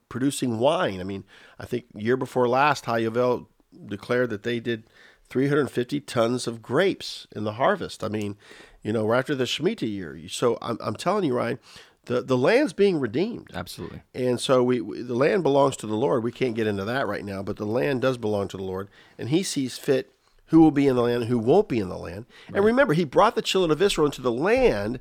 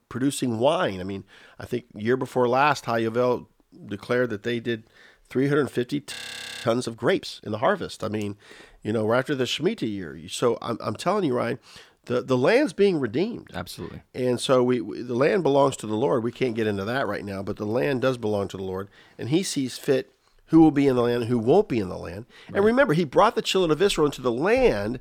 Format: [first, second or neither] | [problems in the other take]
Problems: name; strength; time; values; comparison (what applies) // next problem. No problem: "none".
first | audio freezing; at 6 s for 0.5 s